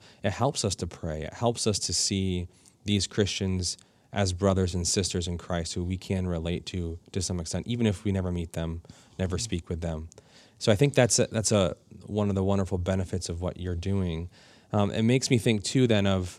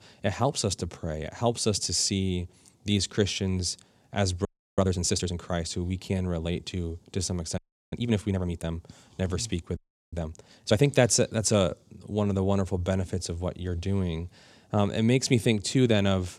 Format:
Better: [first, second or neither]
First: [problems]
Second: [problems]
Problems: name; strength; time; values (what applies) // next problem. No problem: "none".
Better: first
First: none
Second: audio freezing; at 4.5 s, at 7.5 s and at 10 s